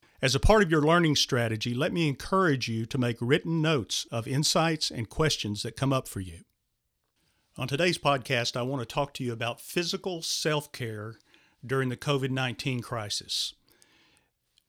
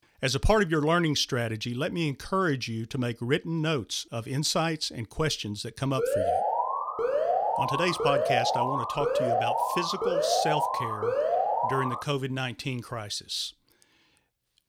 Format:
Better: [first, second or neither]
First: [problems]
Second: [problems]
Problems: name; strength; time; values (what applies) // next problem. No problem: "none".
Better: first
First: none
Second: alarm; loud; from 6 to 12 s; peak 3 dB above the speech